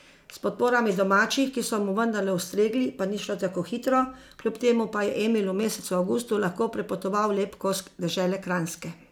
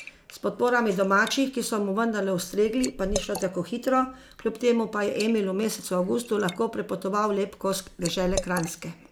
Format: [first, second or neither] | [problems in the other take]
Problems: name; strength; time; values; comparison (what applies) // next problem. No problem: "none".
first | background sound (Liquid); 14 dB below the speech